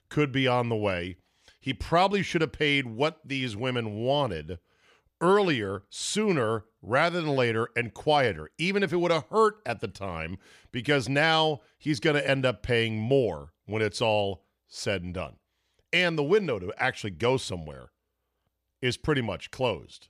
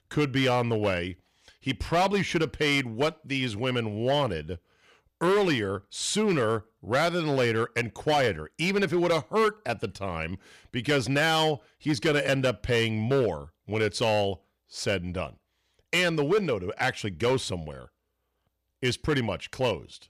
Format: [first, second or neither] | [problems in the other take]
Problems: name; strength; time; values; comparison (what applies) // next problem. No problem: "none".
first | distortion; slight; 6% of the sound clipped